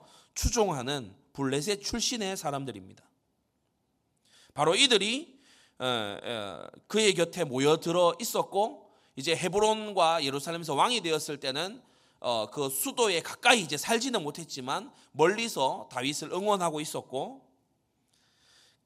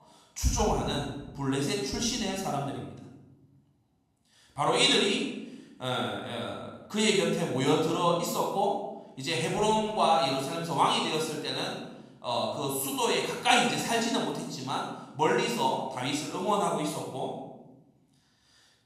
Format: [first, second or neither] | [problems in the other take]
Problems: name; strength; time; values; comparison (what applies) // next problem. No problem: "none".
first | off-mic speech; somewhat distant // room echo; noticeable; dies away in 0.9 s